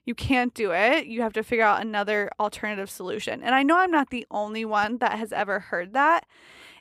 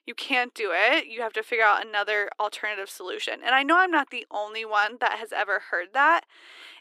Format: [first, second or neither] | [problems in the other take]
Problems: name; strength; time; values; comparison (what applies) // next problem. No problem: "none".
first | thin; somewhat; fading below 300 Hz